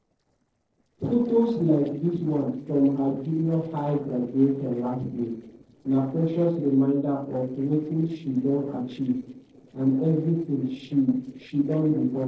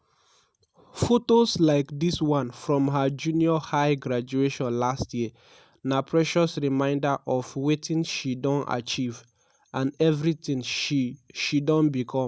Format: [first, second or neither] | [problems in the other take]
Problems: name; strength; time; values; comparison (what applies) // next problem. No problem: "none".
second | noise reduction (neural separator model SepFormer DNS4)